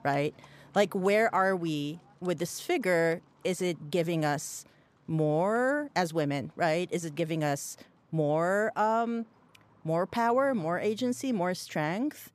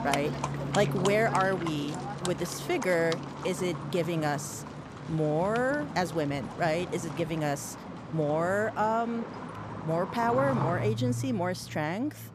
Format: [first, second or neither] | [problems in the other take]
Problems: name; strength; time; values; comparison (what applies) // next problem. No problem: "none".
first | animal sounds; loud; throughout; 7 dB below the speech; faint in the first